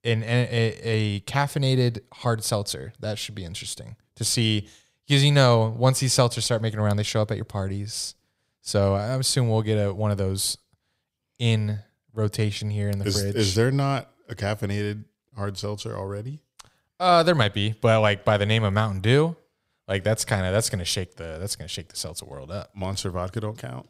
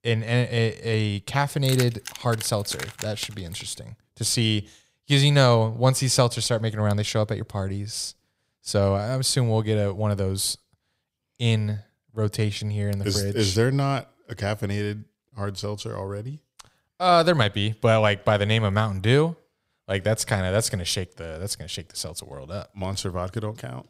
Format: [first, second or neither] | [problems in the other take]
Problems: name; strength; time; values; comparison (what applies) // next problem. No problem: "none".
first | jangling keys; noticeable; from 1.5 to 3.5 s; peak 8 dB below the speech